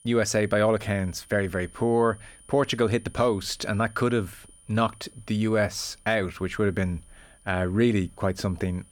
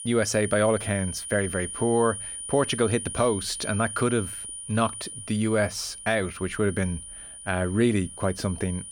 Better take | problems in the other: first | high-pitched whine; loud; throughout; 9.5 kHz, 9 dB below the speech; faint in the first

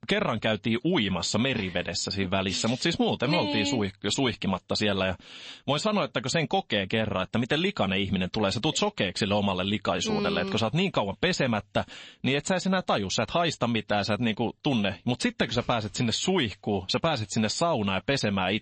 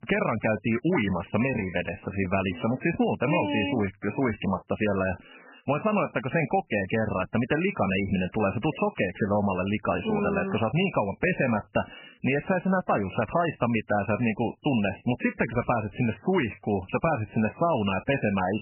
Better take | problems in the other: first | garbled, watery; badly; nothing above 3 kHz; slightly in the first

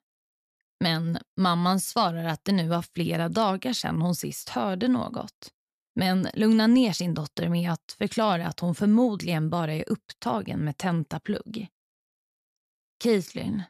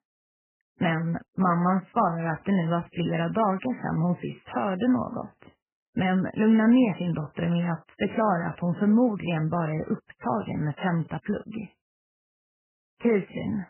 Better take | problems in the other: first | garbled, watery; badly; nothing above 3 kHz

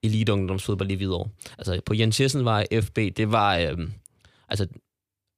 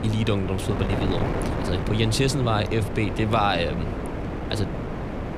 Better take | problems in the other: first | wind noise on the microphone; heavy; 6 dB below the speech

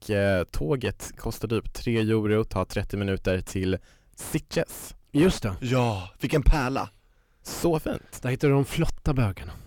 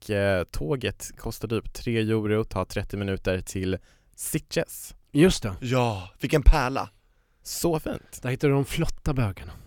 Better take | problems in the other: second | distortion; slight; 10 dB below the speech

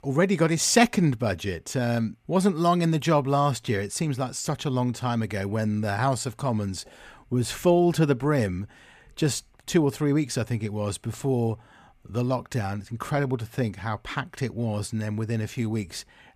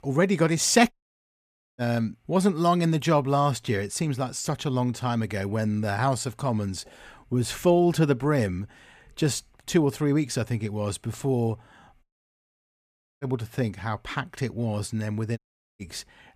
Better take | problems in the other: first | audio cutting out; at 1 s for 1 s, at 12 s for 1 s and at 15 s

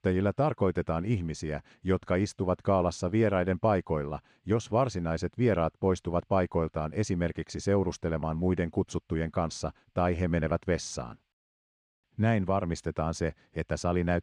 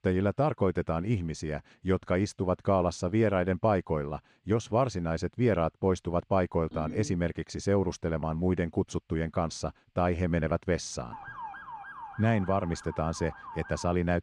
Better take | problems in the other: first | phone ringing; noticeable; at 6.5 s; peak 9 dB below the speech // siren; faint; from 11 s on; peak 10 dB below the speech

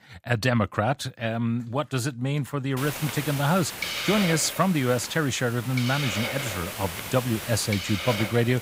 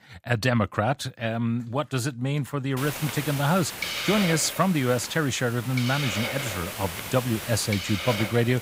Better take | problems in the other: neither | hiss; loud; from 3 s on; 5 dB below the speech; the same in both

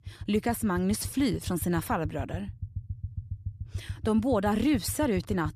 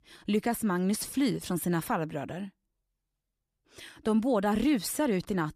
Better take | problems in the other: second | low rumble; faint; throughout; 25 dB below the speech

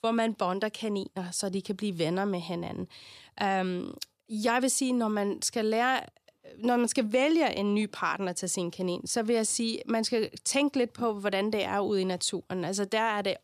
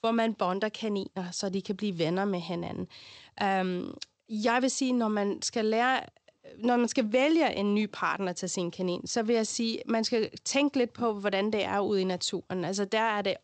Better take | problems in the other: first | garbled, watery; slightly; nothing above 8 kHz

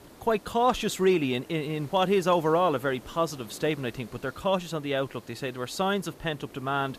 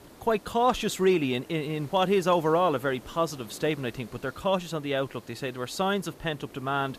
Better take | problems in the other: neither | hiss; faint; throughout; 20 dB below the speech; the same in both

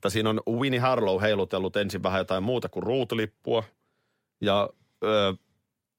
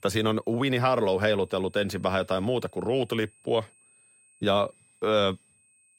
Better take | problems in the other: first | high-pitched whine; faint; throughout; 8.5 kHz, 30 dB below the speech

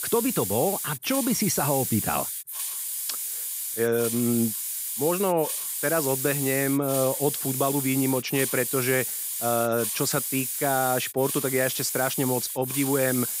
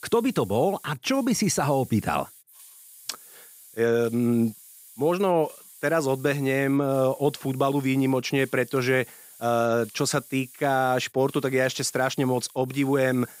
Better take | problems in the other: second | hiss; loud; throughout; 2 dB below the speech; faint in the second

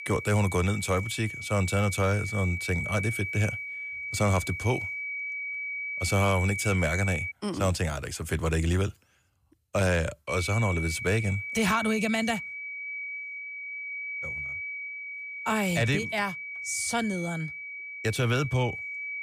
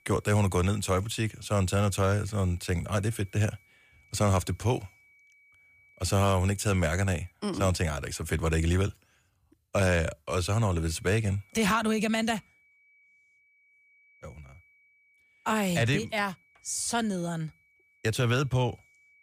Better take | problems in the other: second | high-pitched whine; loud; until 7.5 s and from 10 s on; 2.5 kHz, 5 dB below the speech; faint in the second

